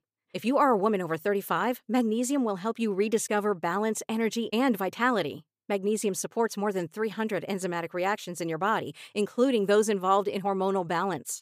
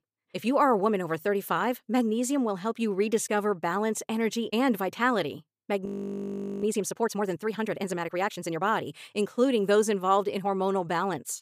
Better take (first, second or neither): first